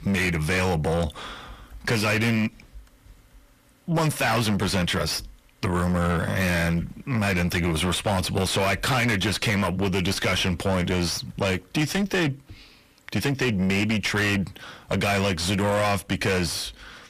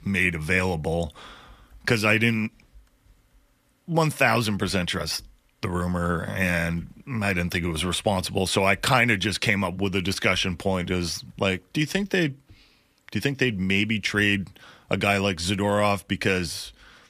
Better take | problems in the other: second | distortion; heavy; 5 dB below the speech

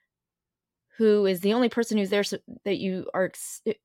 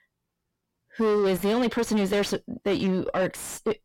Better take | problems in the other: first | distortion; heavy; 6 dB below the speech

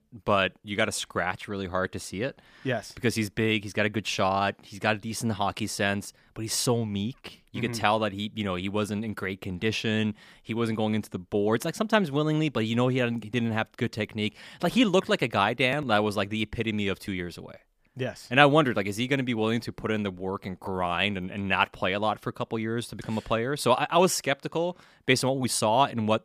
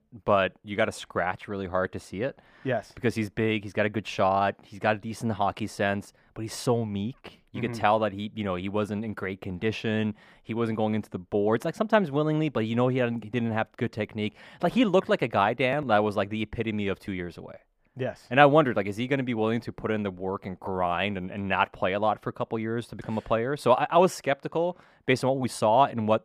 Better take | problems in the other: first | muffled; slightly; fading above 3 kHz

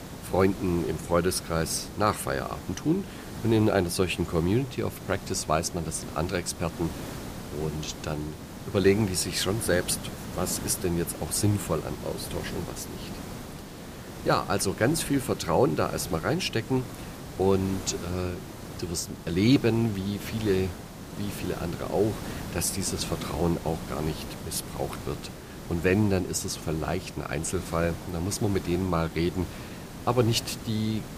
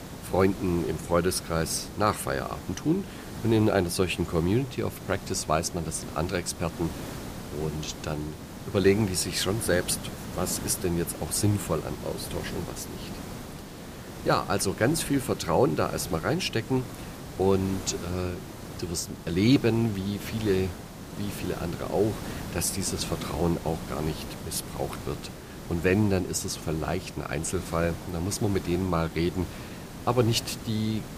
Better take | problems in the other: neither | hiss; noticeable; throughout; 10 dB below the speech; the same in both

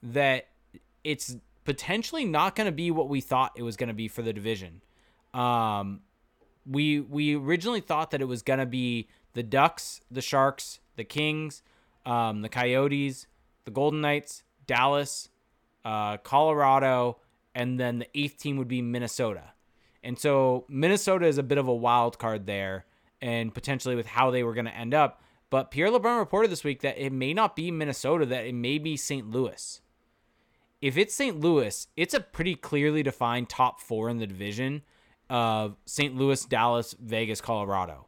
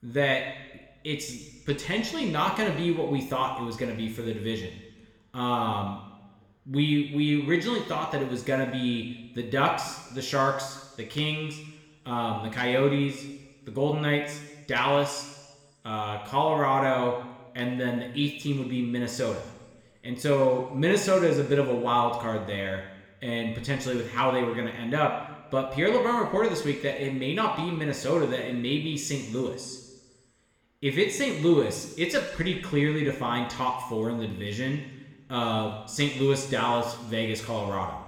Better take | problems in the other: first | room echo; slight; dies away in 1.1 s // off-mic speech; somewhat distant

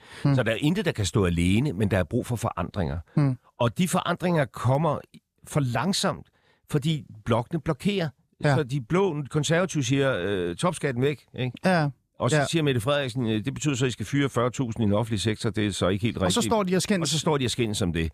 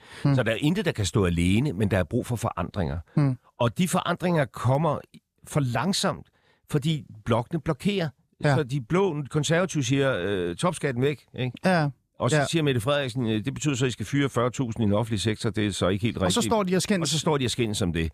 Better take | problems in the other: neither | none

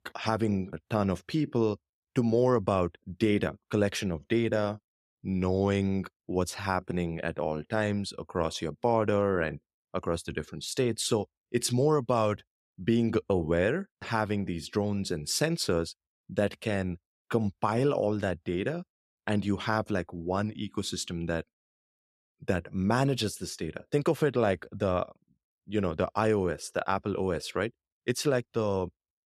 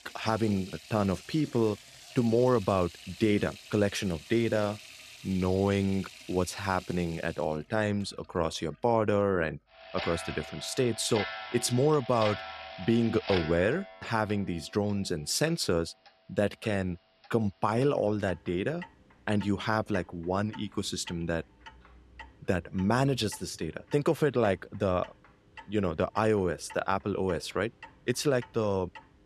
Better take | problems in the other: first | household noises; noticeable; throughout; 15 dB below the speech

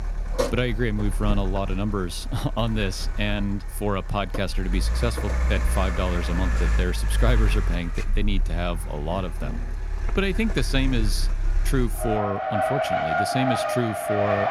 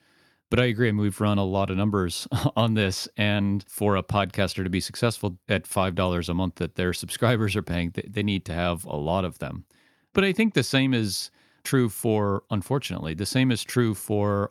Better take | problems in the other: second | traffic noise; very loud; throughout; as loud as the speech

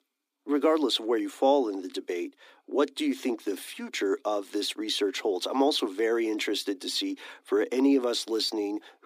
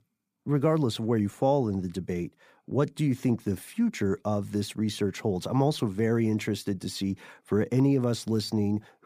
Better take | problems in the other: second | thin; very slightly; fading below 250 Hz

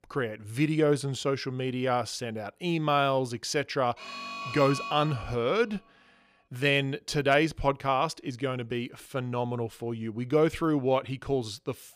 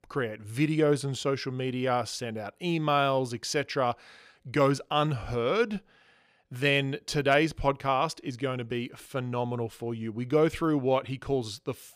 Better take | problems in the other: second | alarm; noticeable; from 4 to 5.5 s; peak 6 dB below the speech

